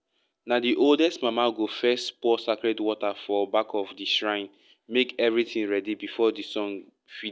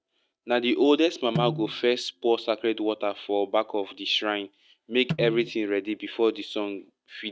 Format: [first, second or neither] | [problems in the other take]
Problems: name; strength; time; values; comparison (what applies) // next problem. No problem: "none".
first | noise reduction (neural mask model RNNoise)